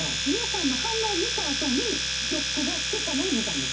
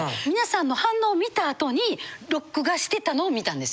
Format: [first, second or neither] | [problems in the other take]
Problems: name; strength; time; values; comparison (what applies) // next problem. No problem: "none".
second | background sound (Domestic sounds, home sounds); 3 dB above the speech // room echo; dies away in 0.4 s